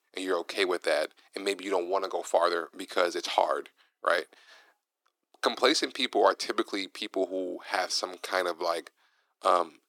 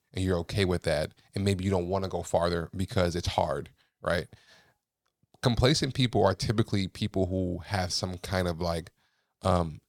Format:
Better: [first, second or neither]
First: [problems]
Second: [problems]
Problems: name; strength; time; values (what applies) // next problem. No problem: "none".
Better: second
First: thin; very; fading below 300 Hz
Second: none